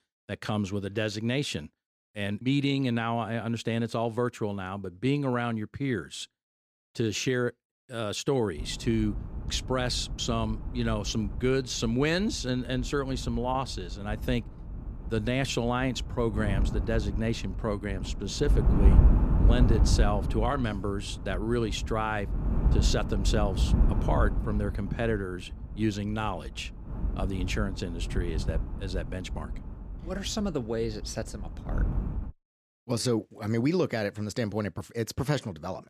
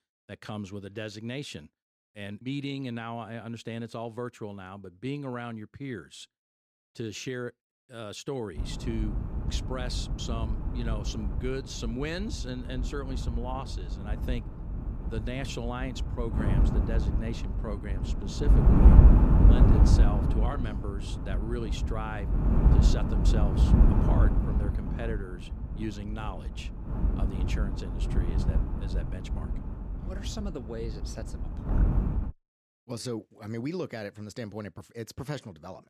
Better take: first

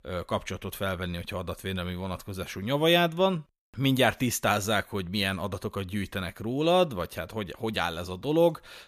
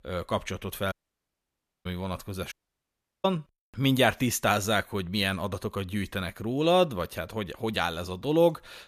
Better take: first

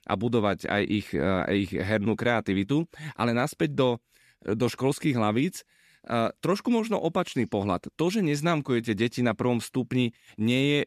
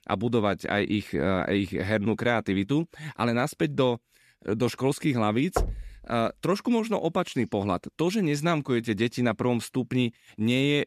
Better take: first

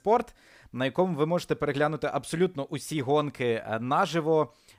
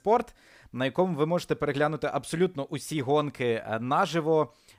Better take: neither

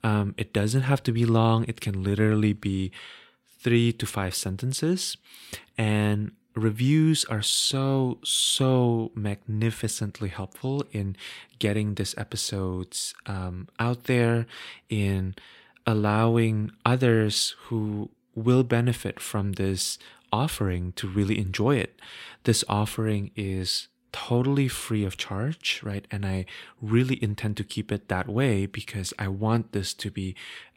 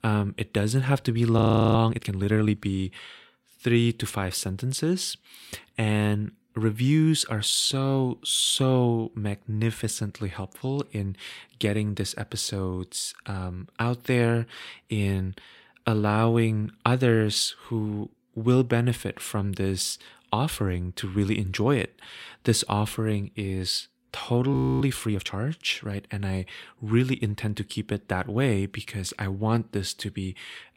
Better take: first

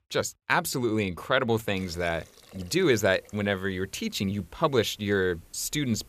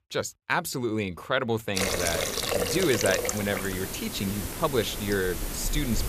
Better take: first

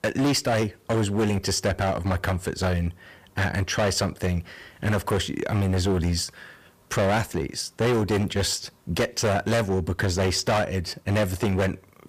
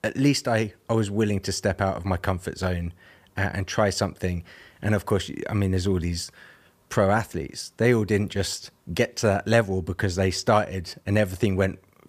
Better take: second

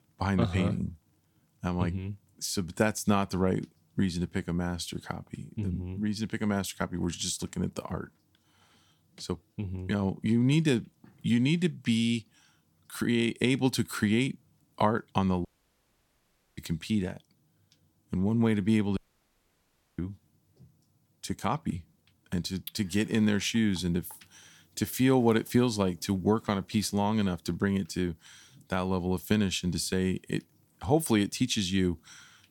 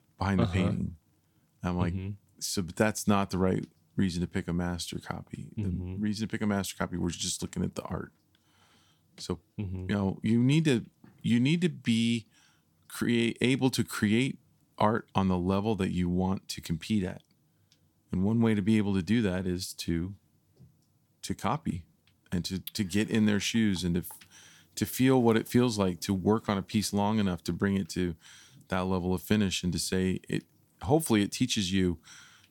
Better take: second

